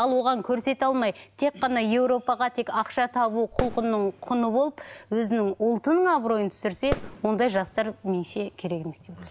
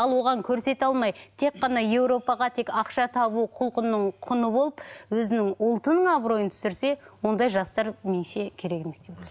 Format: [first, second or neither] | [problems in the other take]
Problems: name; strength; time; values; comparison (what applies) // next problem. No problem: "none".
second | background sound (Fireworks); 13 dB below the speech